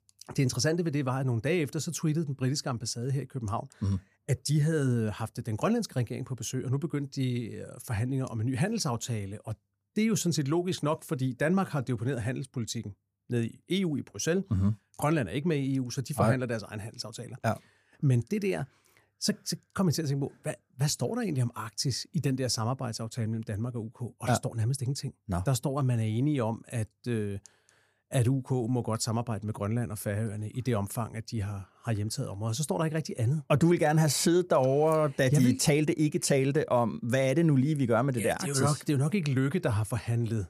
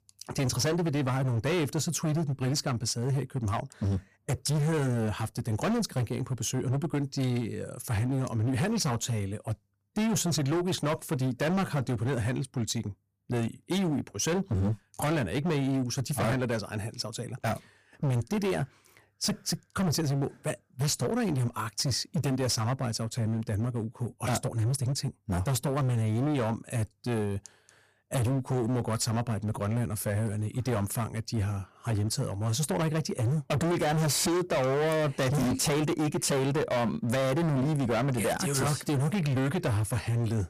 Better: first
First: none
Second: distortion; heavy; 23% of the sound clipped

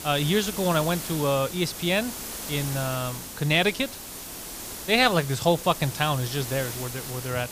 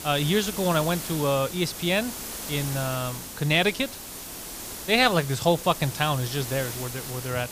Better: neither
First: hiss; loud; throughout; 9 dB below the speech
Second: hiss; loud; throughout; 9 dB below the speech

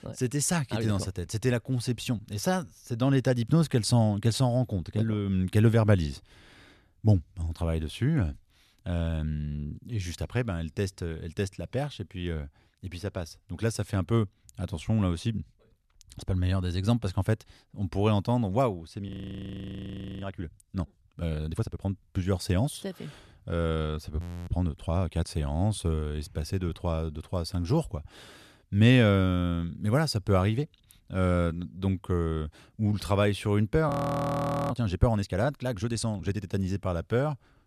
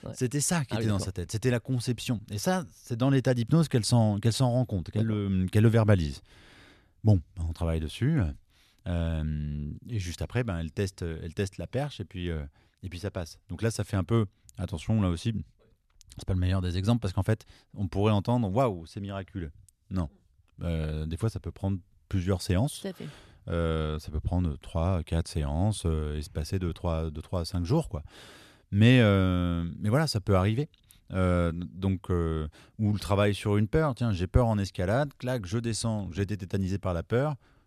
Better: second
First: audio freezing; at 19 s for 1 s, at 24 s and at 34 s for 1 s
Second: none

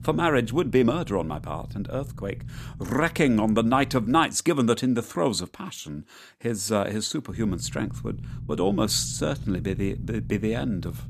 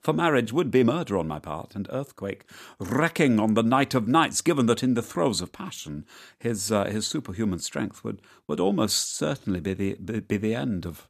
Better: second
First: low rumble; faint; until 4 s and from 7.5 s on; 25 dB below the speech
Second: none

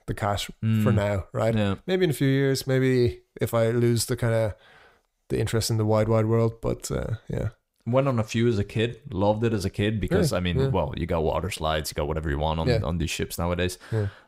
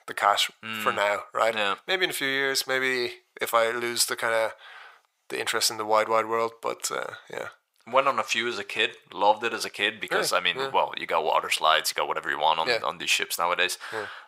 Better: first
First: none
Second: thin; very; fading below 700 Hz

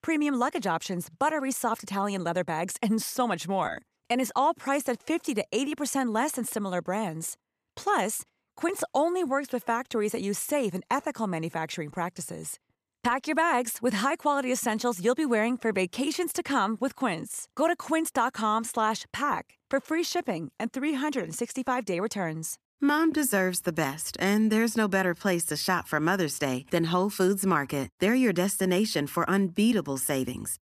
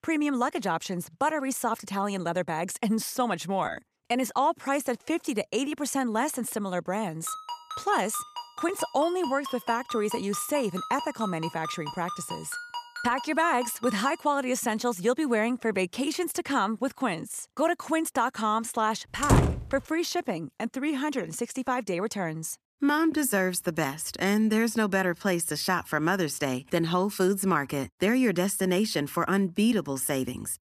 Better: first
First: none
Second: phone ringing; noticeable; from 7.5 to 14 s; peak 9 dB below the speech // door banging; loud; at 19 s; peak 5 dB above the speech

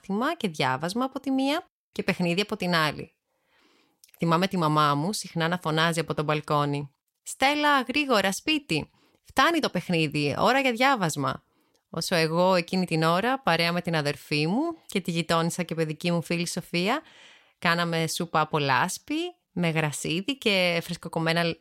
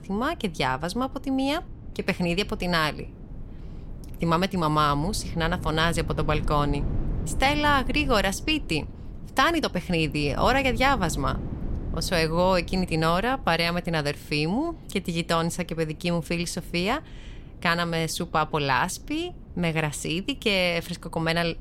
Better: first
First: none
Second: low rumble; faint; throughout; 20 dB below the speech

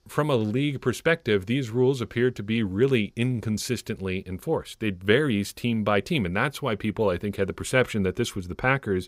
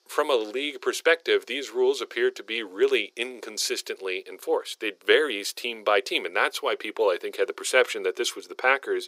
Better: first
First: none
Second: thin; very; fading below 350 Hz

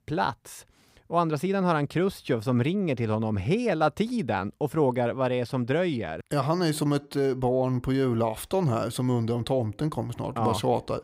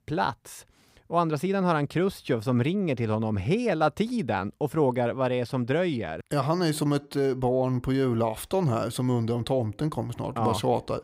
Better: neither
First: none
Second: none

